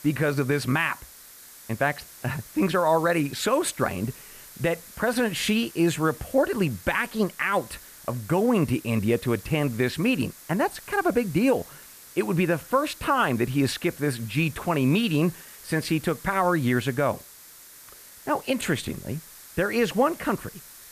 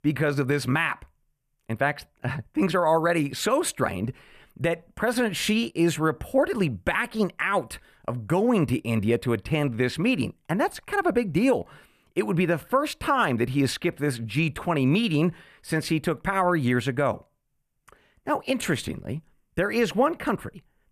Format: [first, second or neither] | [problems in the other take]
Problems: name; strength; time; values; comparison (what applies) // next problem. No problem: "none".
second | hiss; noticeable; throughout; 20 dB below the speech